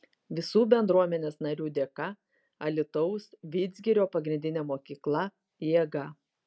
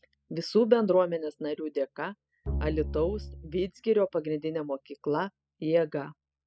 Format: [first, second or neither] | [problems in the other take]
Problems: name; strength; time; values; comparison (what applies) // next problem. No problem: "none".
first | noise reduction (classical method spectral subtraction)